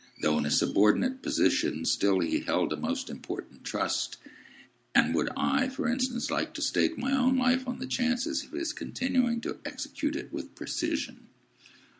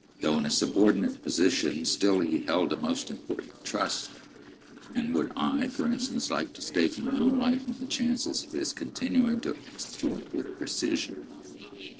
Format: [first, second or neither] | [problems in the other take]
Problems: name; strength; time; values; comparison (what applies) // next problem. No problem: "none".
first | noise reduction (neural separator model SepFormer DNS4)